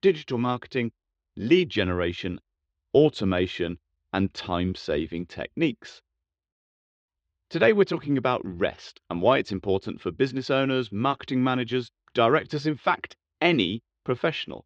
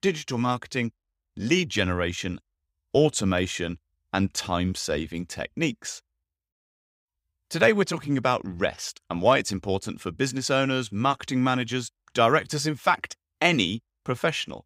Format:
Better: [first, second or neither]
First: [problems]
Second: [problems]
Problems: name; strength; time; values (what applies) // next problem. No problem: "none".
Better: second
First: muffled; slightly; fading above 4 kHz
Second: none